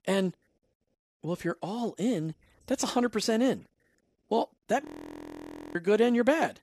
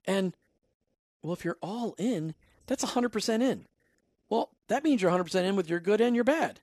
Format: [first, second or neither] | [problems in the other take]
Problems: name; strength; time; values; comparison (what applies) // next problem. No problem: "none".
second | audio freezing; at 5 s for 1 s